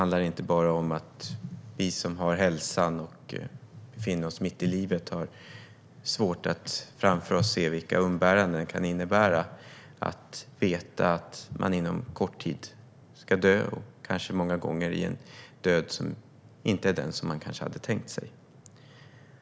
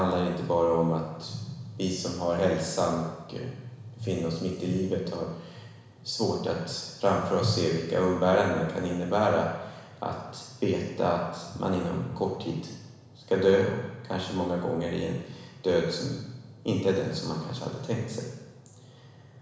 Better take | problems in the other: first | room echo; dies away in 1 s

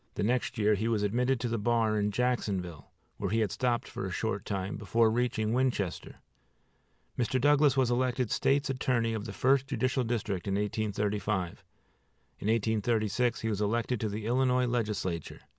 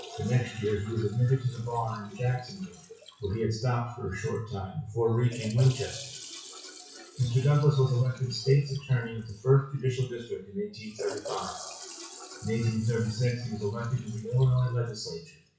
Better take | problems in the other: first | noise reduction (classical method WPE with log-MMSE)

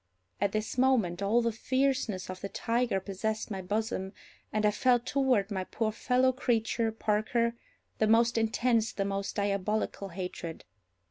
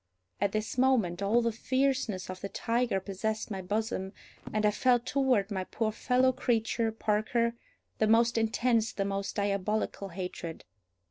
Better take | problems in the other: first | noise reduction (neural separator model SepFormer DNS4)

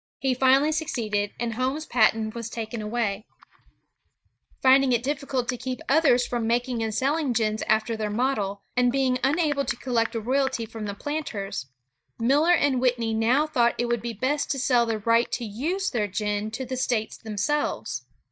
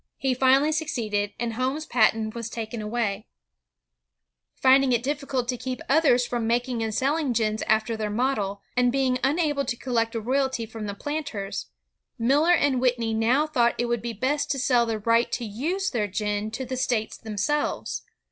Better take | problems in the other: second | noise reduction (neural mask model DeepFilterNet 3)

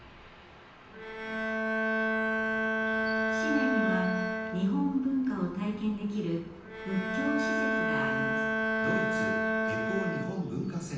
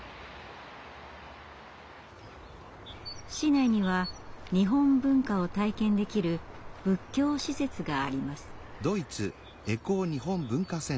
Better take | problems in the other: second | background sound (Bowed string instrument); 2 dB above the speech // room echo; dies away in 0.9 s

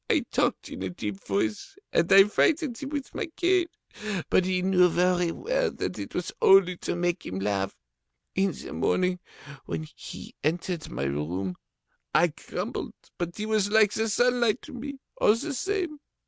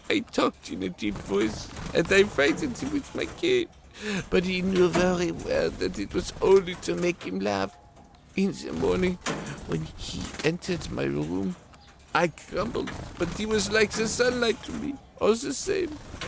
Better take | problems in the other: first | background sound (Bird); 12 dB below the speech

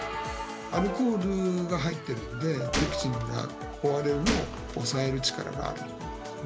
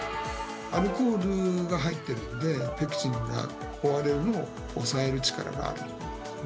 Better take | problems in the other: second | background sound (Gunshot, gunfire); 5 dB below the speech

